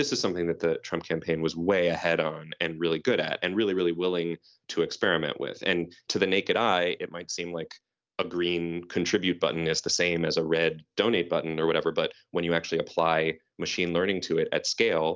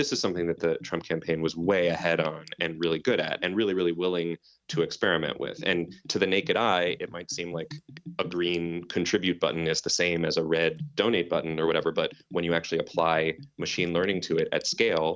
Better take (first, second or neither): first